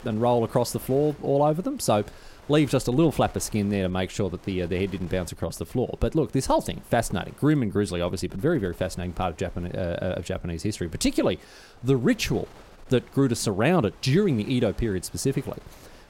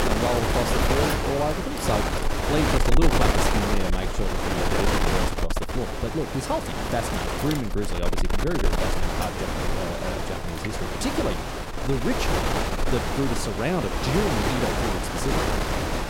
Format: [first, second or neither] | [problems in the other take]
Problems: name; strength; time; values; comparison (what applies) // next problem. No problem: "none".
first | wind noise on the microphone; heavy; 4 dB above the speech; occasional gusts in the first